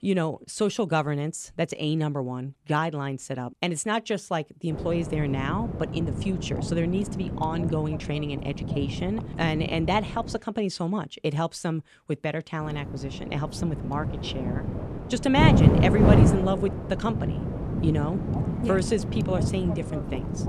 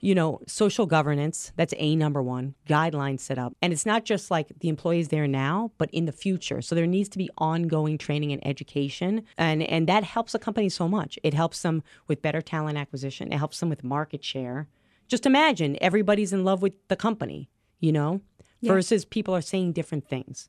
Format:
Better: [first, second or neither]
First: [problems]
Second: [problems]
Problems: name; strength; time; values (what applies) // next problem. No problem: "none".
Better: second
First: wind noise on the microphone; heavy; from 4.5 to 10 s and from 13 s on; 4 dB below the speech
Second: none